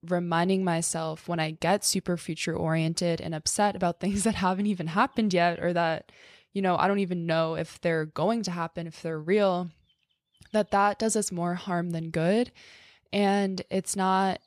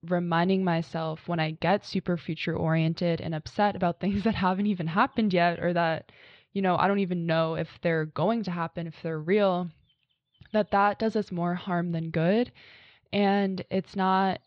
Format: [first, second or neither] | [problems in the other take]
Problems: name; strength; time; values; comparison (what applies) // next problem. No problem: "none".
first | muffled; slightly; fading above 4 kHz